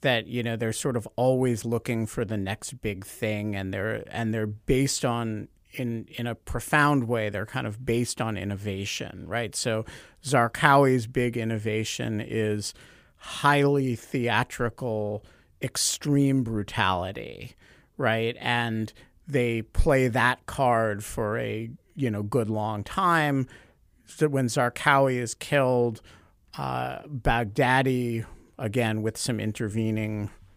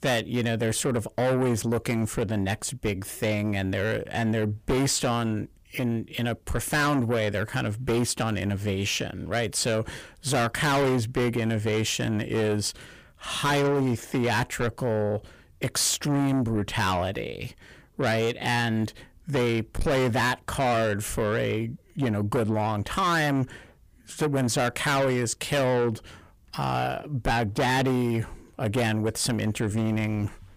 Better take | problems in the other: first | distortion; heavy; 6 dB below the speech

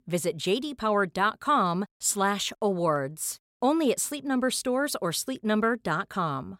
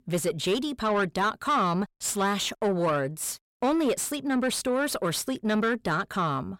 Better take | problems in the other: first | distortion; slight; 10 dB below the speech

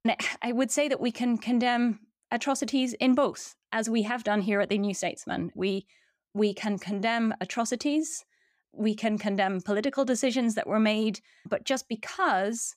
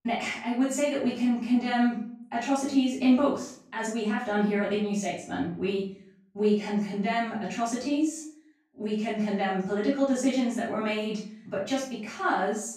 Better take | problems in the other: first | off-mic speech; far // room echo; noticeable; dies away in 0.4 s

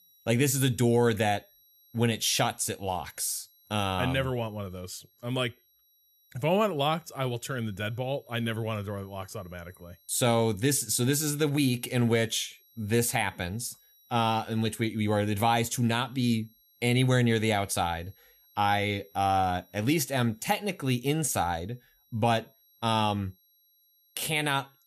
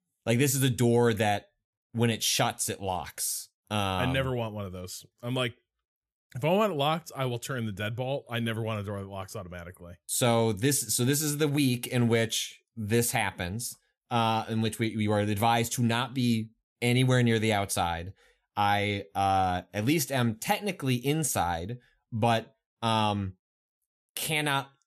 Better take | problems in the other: second | high-pitched whine; faint; throughout; 11.5 kHz, 30 dB below the speech

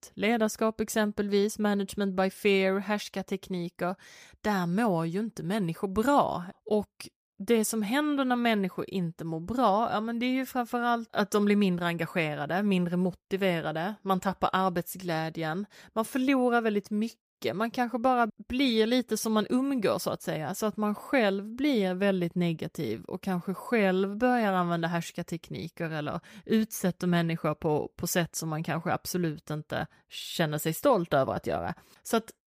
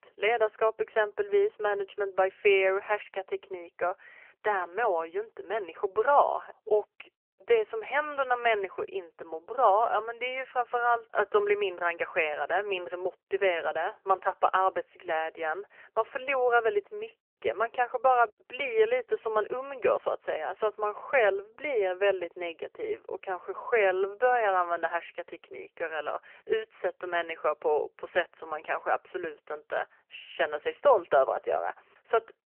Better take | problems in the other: first | phone-call audio; nothing above 3 kHz

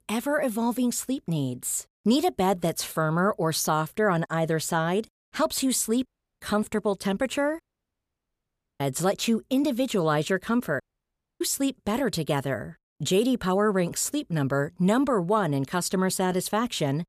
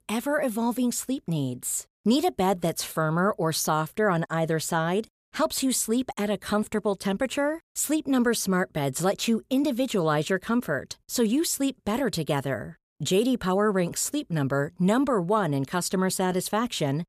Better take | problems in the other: second | audio cutting out; at 6 s, at 7.5 s for 1 s and at 11 s for 0.5 s

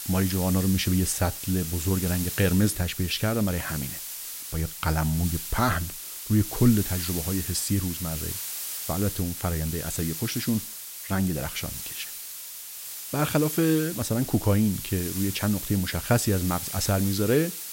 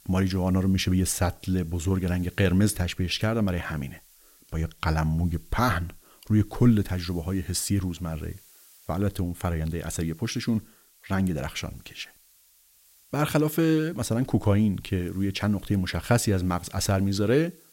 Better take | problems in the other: second | hiss; loud; throughout; 6 dB below the speech; faint in the second

